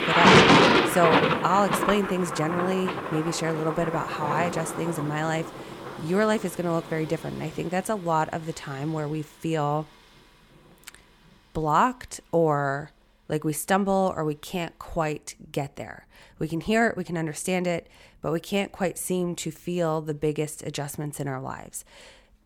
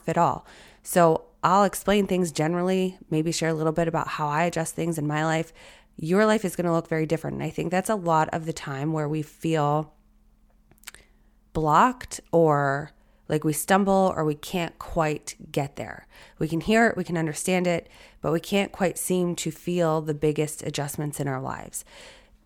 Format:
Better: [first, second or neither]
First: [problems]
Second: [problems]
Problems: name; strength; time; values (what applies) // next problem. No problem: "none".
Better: second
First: rain or running water; very loud; throughout; 4 dB above the speech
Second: none